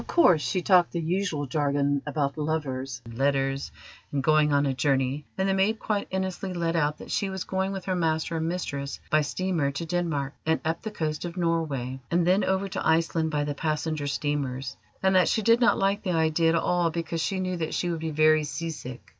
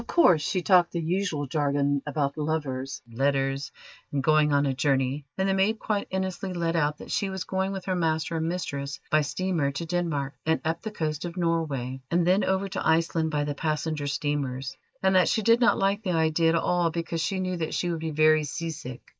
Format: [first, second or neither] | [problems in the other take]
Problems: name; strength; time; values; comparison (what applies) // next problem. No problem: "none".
first | noise reduction (neural mask model Resemble Enhance denoiser)